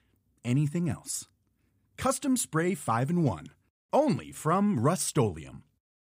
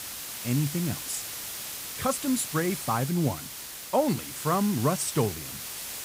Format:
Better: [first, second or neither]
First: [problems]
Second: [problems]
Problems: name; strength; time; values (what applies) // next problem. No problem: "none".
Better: first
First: none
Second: hiss; loud; throughout; 7 dB below the speech